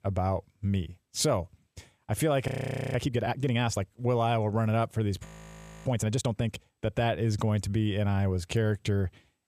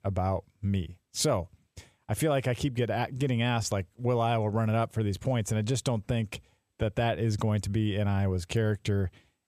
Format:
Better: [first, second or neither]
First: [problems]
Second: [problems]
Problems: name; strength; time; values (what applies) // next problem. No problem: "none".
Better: second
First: audio freezing; at 2.5 s and at 5.5 s for 0.5 s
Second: none